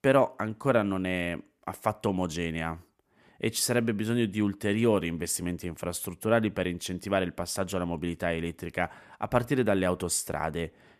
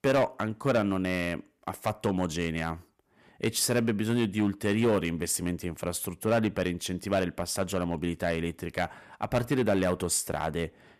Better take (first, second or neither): first